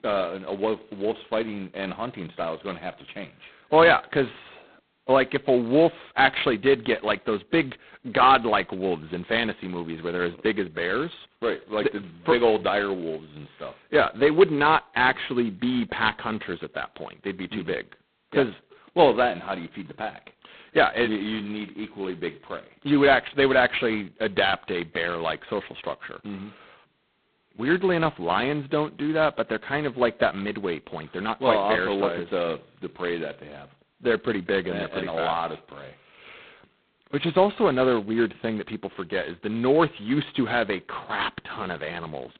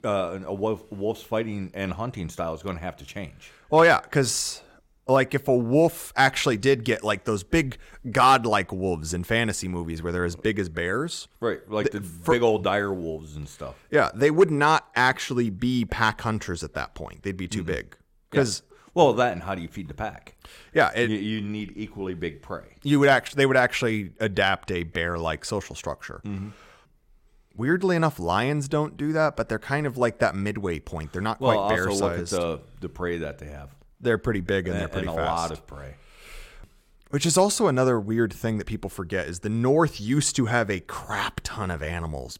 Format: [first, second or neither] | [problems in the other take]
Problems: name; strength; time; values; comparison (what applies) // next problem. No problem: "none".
second | phone-call audio; poor line; nothing above 4 kHz